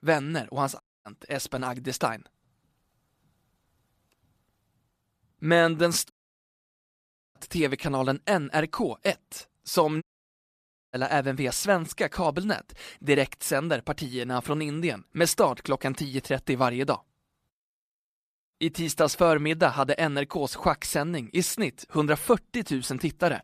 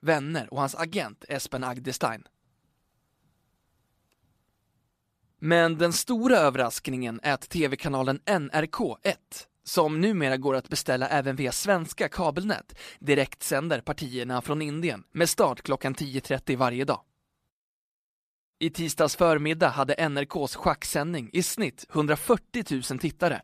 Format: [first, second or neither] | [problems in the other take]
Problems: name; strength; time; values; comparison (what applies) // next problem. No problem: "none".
second | audio cutting out; at 1 s, at 6 s for 1.5 s and at 10 s for 1 s